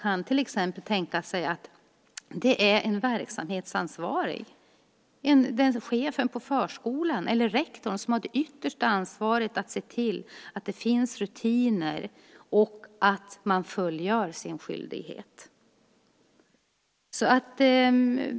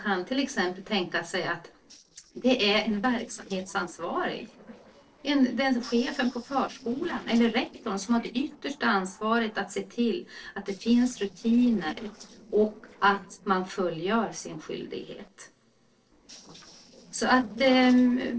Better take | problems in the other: first | noise reduction (neural separator model SepFormer DNS4)

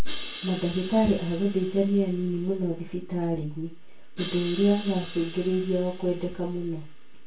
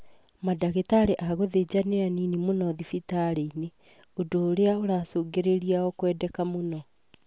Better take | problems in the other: second | background sound (Crash cymbal); 17 dB below the speech // room echo; dies away in 0.2 s

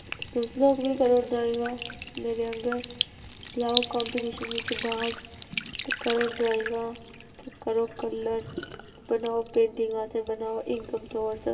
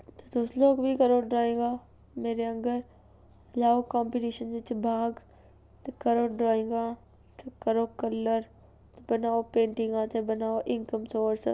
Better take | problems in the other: second | background sound (Trickle, dribble / Sink (filling or washing)); 9 dB below the speech // room echo; dies away in 2.8 s

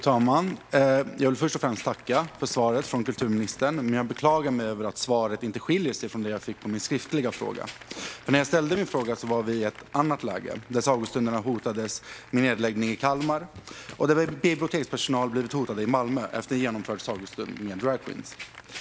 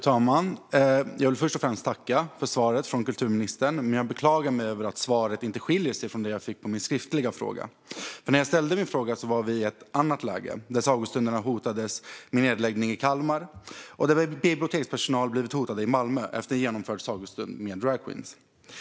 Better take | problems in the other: second | background sound (Run + Applause); 20 dB below the speech

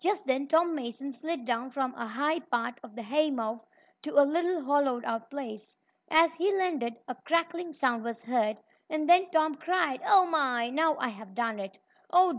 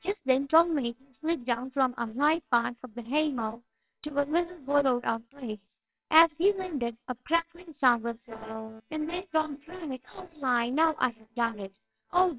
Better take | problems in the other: first | noise reduction (neural separator model SepFormer WHAMR!)

